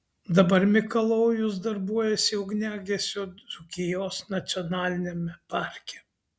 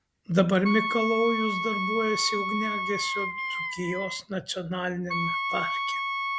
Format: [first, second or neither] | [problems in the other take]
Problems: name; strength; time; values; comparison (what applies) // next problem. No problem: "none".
first | background sound (Wind instrument, woodwind instrument); 2 dB below the speech